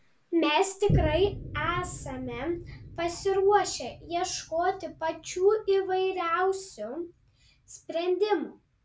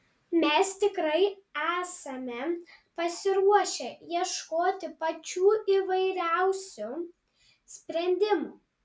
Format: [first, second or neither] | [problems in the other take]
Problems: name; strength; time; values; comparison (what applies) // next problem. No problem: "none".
second | background sound (Boom); 9 dB below the speech